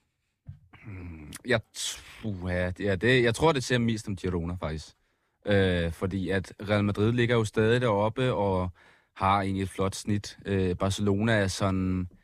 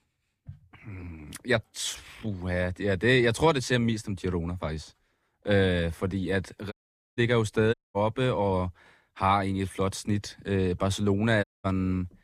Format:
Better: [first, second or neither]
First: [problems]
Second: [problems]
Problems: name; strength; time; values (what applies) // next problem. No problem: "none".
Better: first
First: none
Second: audio cutting out; at 6.5 s, at 7.5 s and at 11 s